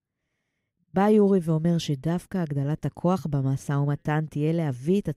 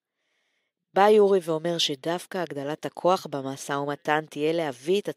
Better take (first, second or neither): first